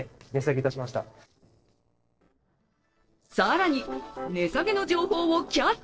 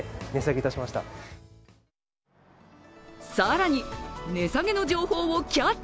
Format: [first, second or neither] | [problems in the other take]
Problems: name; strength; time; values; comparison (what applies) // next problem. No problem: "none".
second | noise reduction (neural separator model SepFormer DNS4)